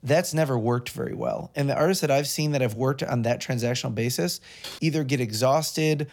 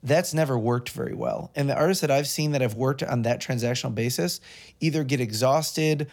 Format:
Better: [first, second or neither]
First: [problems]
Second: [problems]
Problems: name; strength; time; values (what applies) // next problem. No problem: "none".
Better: second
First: keyboard typing; faint; at 4.5 s; peak 15 dB below the speech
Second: none